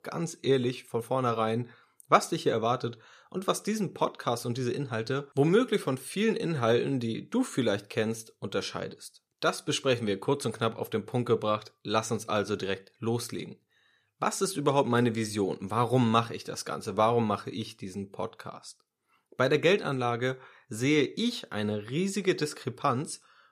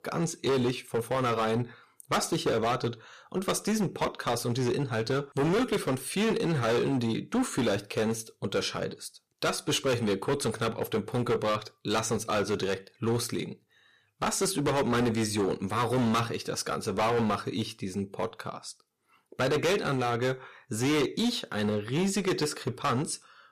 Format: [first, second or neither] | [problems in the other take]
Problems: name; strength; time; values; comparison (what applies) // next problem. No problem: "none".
first | distortion; heavy; 13% of the sound clipped